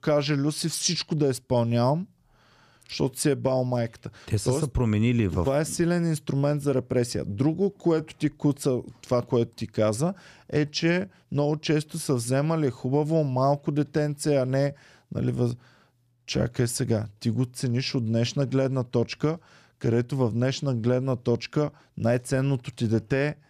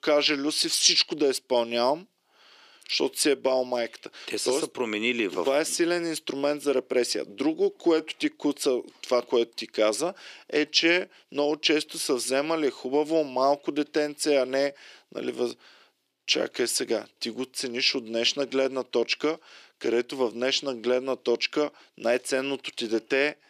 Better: first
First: none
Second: thin; somewhat; fading below 350 Hz

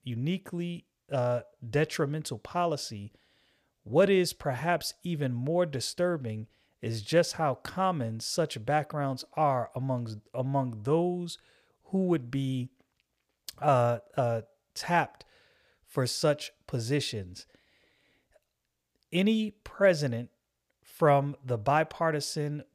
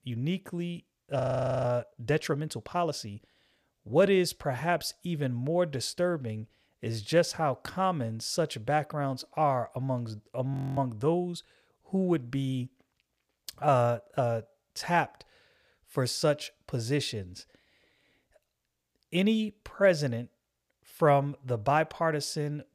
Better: first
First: none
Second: audio freezing; at 1 s and at 11 s

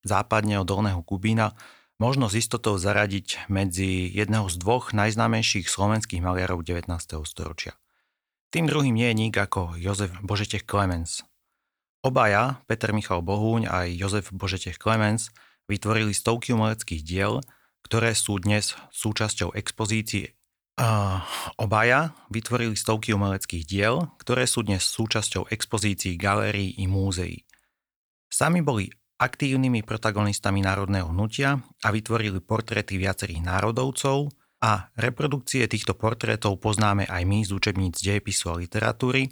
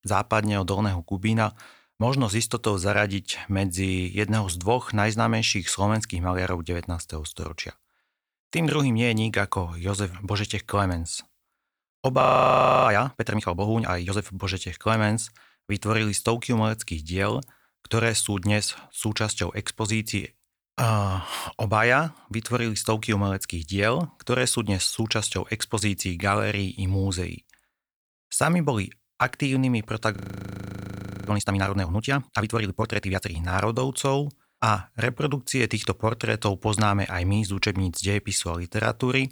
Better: first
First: none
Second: audio freezing; at 12 s for 0.5 s and at 30 s for 1 s

